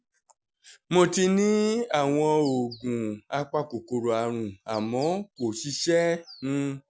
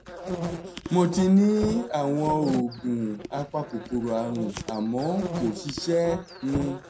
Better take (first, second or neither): first